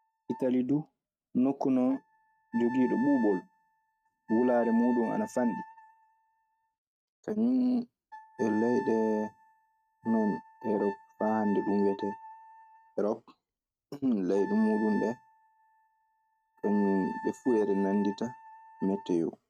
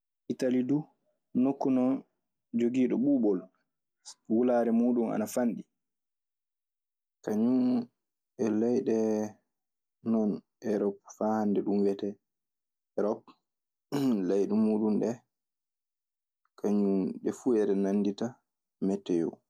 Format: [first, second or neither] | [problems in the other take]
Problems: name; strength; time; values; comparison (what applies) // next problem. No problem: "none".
second | noise reduction (neural mask model RNNoise)